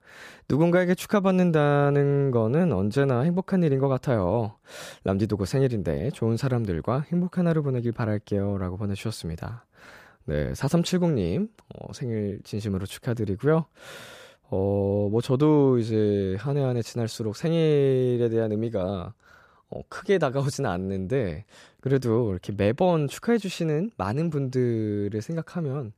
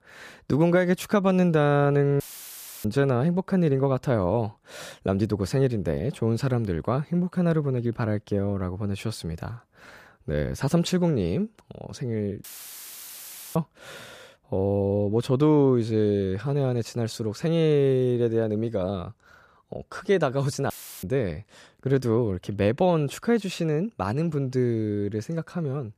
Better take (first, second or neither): first